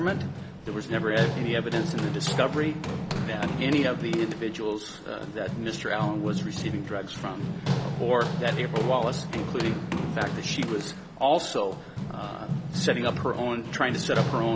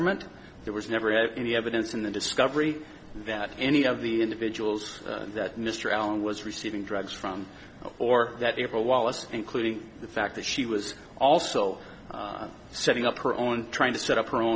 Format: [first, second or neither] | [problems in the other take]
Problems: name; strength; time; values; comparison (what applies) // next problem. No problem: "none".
second | background sound (Run); 2 dB below the speech